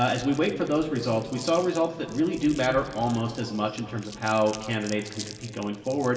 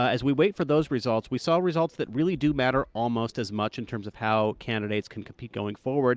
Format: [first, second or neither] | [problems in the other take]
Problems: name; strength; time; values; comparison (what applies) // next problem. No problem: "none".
second | background sound (Crumpling, crinkling); 19 dB below the speech // room echo; dies away in 2.7 s